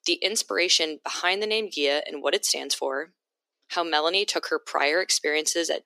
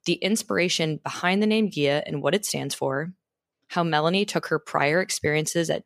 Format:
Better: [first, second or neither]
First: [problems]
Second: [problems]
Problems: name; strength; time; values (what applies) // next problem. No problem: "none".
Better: second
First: thin; somewhat; fading below 300 Hz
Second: none